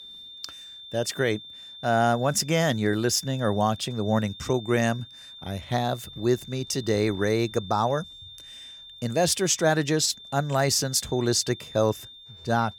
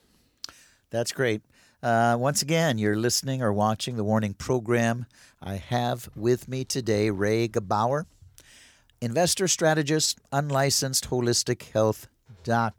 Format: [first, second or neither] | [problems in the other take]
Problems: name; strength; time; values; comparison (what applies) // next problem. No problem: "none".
second | high-pitched whine; noticeable; throughout; 3.5 kHz, 15 dB below the speech